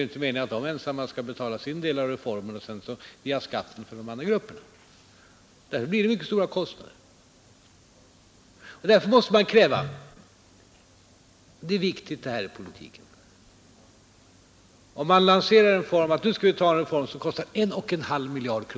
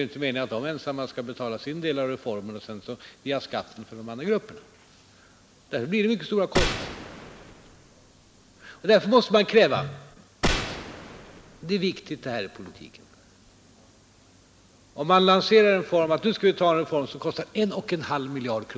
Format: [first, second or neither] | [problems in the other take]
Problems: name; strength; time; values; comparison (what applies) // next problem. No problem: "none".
first | background sound (Gunshot, gunfire); 6 dB below the speech